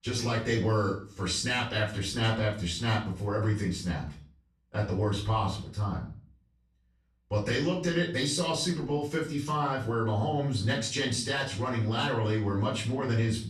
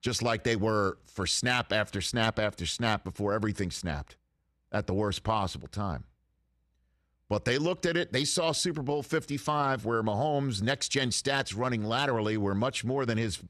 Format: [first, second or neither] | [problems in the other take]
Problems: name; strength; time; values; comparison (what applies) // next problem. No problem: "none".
second | off-mic speech; far // room echo; slight; dies away in 0.4 s